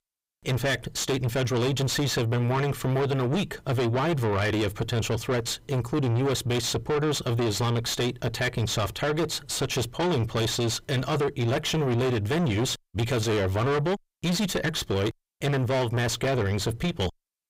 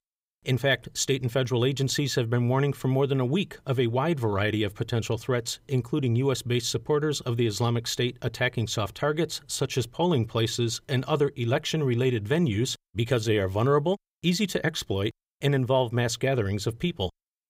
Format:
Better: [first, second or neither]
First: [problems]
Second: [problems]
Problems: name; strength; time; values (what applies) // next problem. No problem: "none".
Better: second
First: distortion; heavy; 4 dB below the speech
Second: none